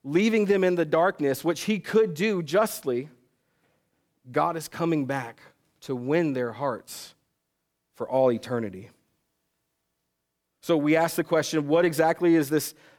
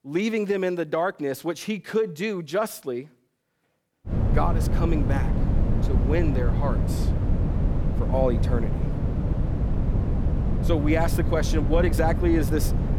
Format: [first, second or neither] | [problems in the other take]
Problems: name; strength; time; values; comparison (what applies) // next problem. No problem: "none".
first | wind noise on the microphone; heavy; from 4 s on; 7 dB below the speech